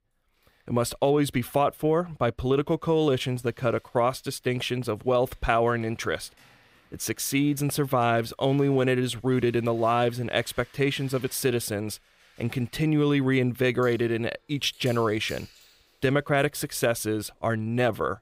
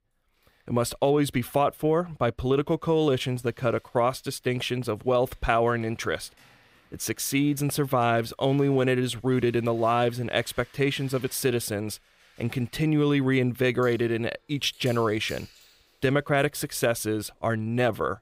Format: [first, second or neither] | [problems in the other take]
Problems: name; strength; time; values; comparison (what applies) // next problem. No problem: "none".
neither | household noises; faint; throughout; 30 dB below the speech; the same in both